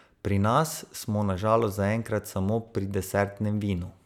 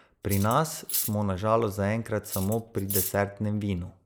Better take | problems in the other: first | noise reduction (neural mask model Resemble Enhance denoiser)

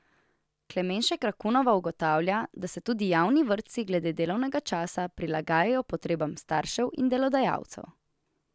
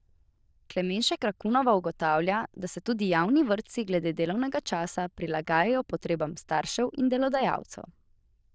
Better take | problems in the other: first | noise reduction (neural diffusion model UNIVERSE++)

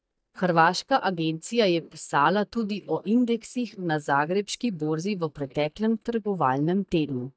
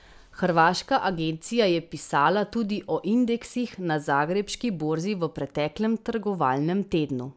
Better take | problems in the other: second | noise reduction (neural mask model DeepFilterNet 3)

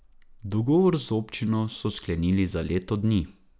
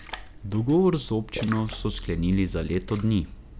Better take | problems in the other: first | background sound (Splash, splatter); 12 dB below the speech

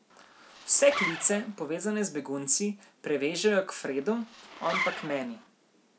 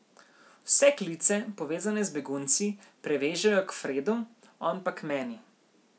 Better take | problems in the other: second | background sound (Zipper (clothing)); 7 dB below the speech

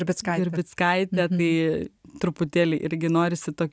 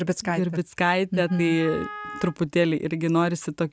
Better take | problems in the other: first | background sound (Wind instrument, woodwind instrument); 14 dB below the speech

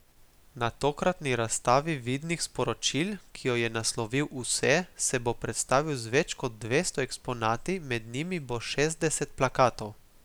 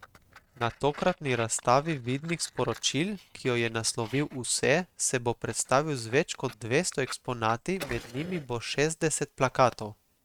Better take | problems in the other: first | noise reduction (neural mask model RNNoise)

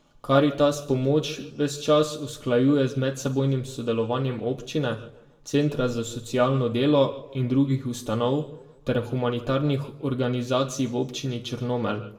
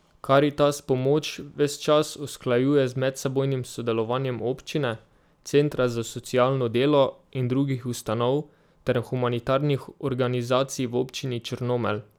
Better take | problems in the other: second | room echo; dies away in 0.7 s

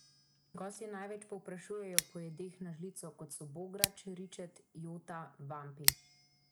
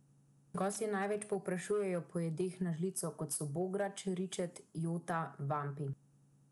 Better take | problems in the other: second | background sound (Scissors); 4 dB above the speech

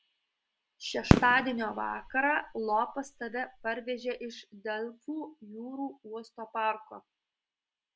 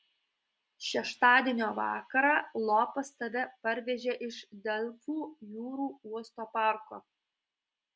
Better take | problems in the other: second | background sound (Fireworks); 1 dB above the speech

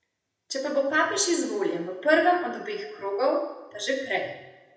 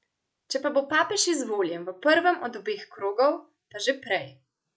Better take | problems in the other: second | room echo; dies away in 0.8 s

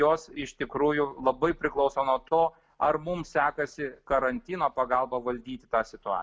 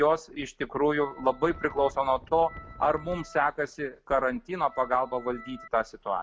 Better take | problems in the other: first | background sound (Organ + Wind); 18 dB below the speech

